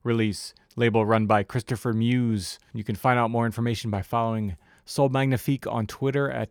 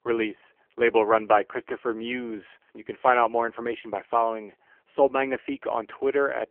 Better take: first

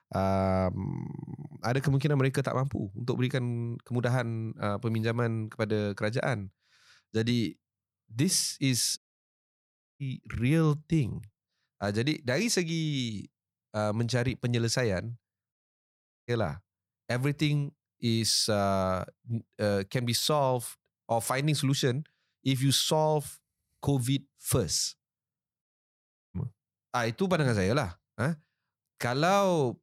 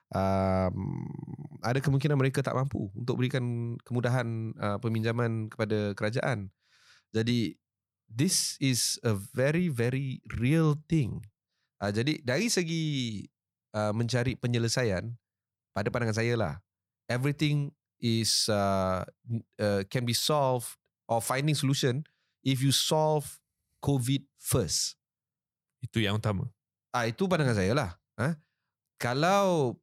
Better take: second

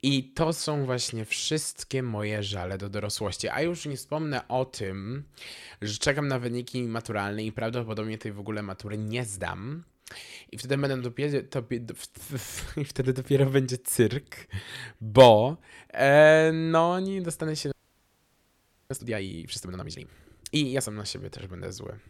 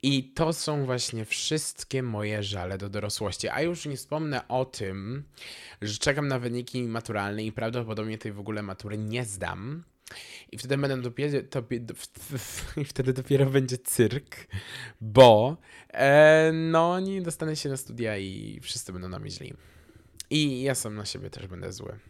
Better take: second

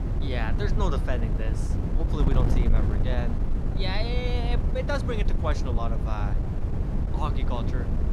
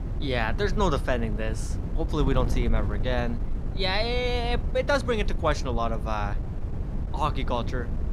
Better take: second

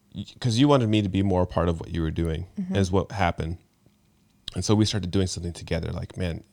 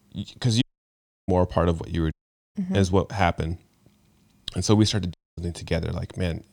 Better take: first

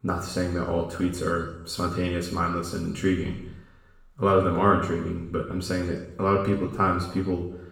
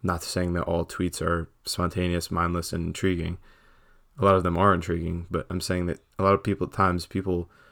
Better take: second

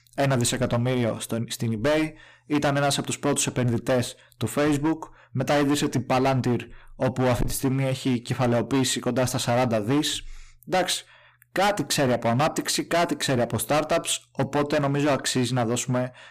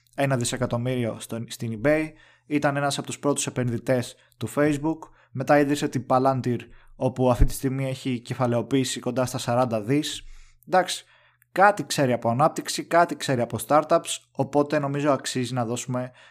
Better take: second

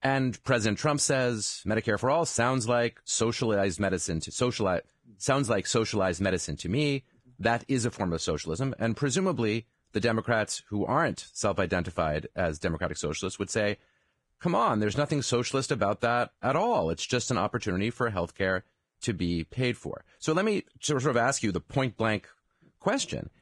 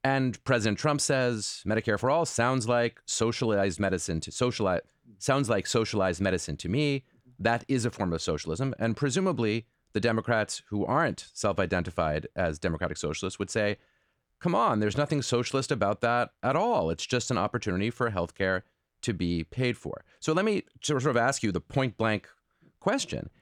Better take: second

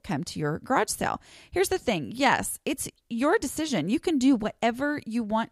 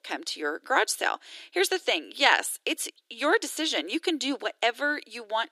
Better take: first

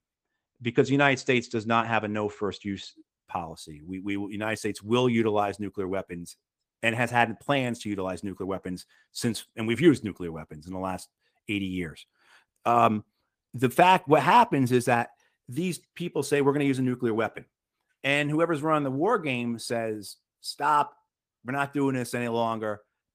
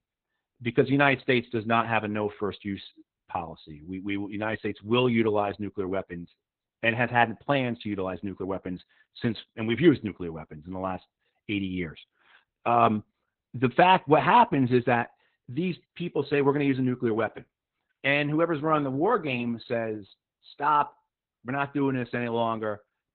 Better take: first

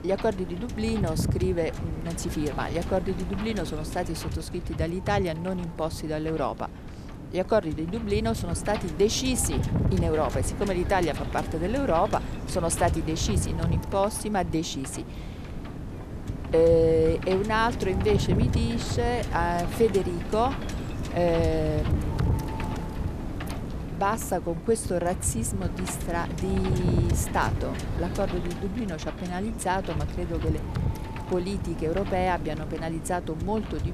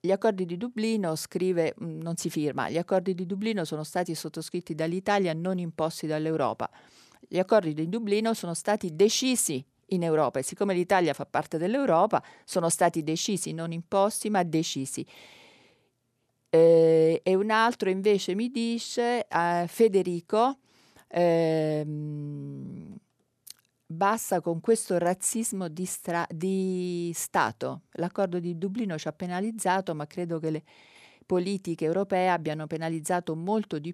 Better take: second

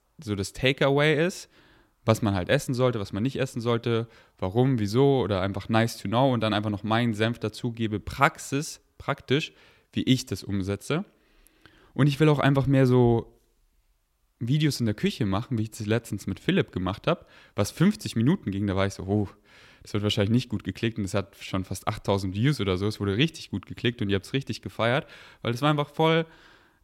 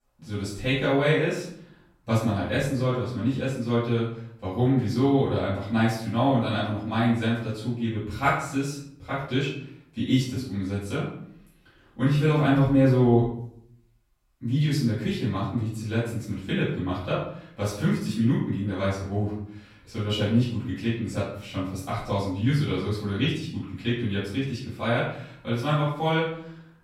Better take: first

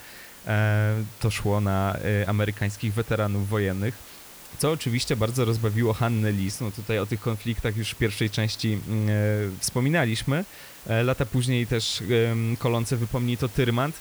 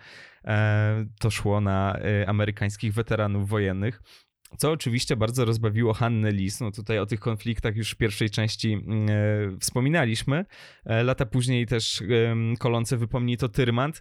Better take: second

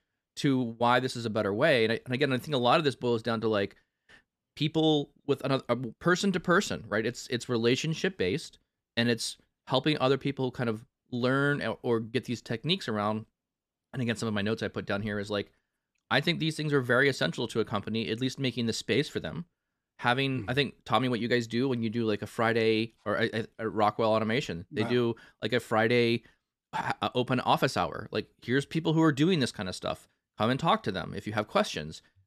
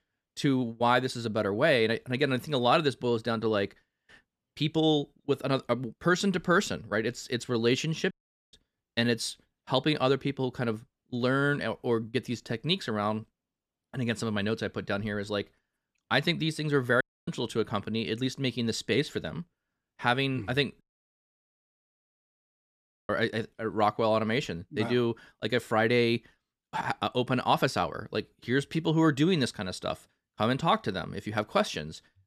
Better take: first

